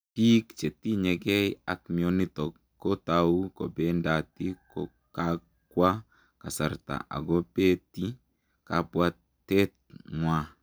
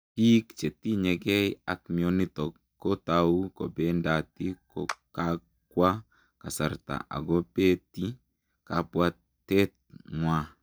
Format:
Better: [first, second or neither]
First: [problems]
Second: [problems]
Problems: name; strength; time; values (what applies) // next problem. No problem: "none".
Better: first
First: none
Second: noise reduction (neural mask model DeepFilterNet 3)